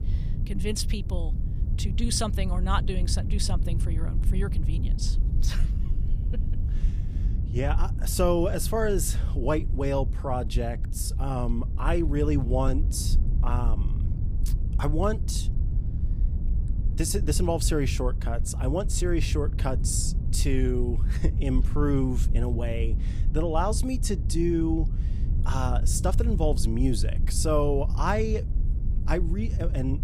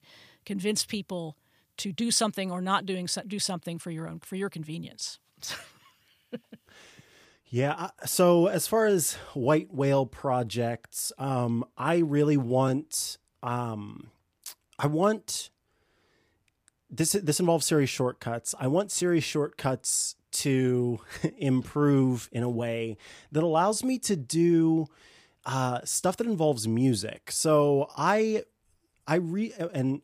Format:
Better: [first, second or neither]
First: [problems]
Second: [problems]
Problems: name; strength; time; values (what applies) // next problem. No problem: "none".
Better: second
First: low rumble; noticeable; throughout; 15 dB below the speech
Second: none